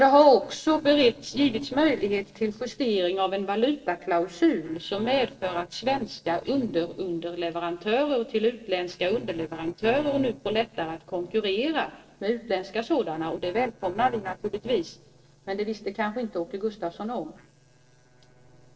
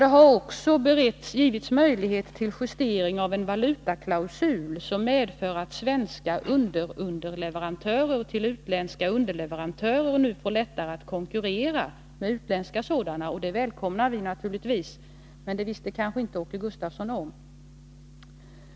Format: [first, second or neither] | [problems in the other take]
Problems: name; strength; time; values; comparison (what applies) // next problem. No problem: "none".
second | noise reduction (neural separator model SepFormer DNS4)